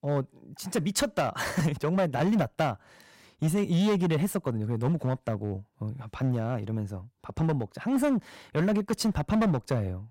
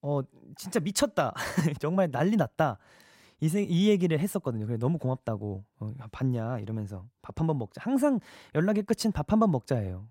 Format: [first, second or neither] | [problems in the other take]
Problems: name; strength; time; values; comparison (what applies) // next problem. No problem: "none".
second | distortion; slight; 8% of the sound clipped